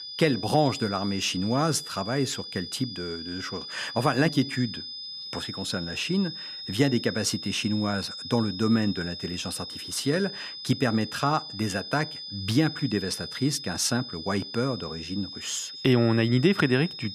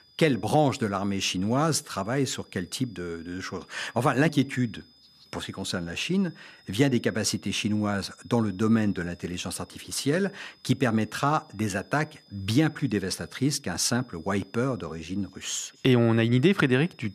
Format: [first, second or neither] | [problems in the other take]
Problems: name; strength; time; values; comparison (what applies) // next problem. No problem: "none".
second | high-pitched whine; loud; throughout; 5 kHz, 9 dB below the speech; faint in the second